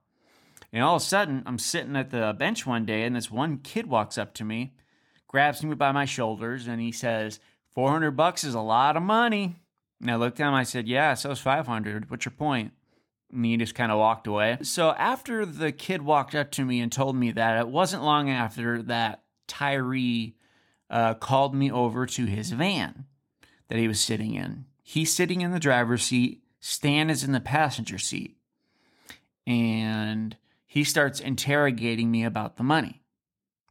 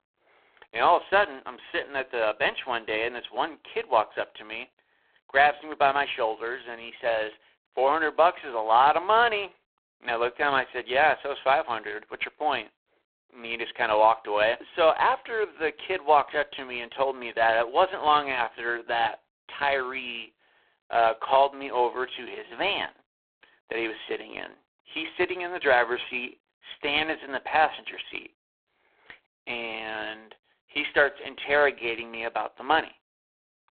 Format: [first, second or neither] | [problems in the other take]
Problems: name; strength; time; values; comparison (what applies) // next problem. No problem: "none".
first | phone-call audio; poor line